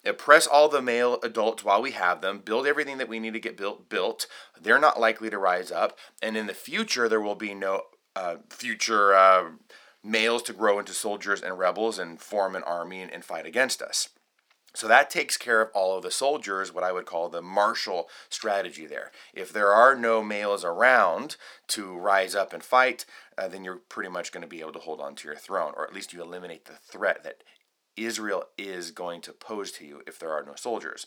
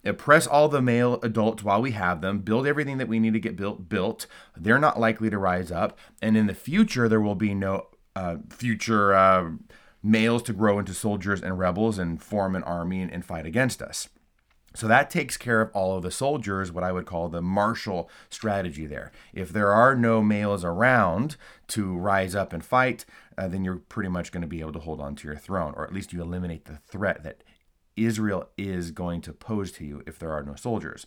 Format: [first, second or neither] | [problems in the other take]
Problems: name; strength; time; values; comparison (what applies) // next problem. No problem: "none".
second | thin; very; fading below 400 Hz